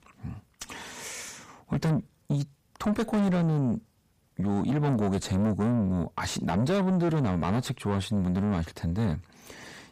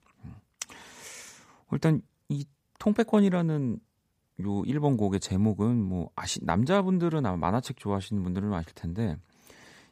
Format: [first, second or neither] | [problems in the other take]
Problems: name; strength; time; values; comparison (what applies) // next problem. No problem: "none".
second | distortion; heavy; 6 dB below the speech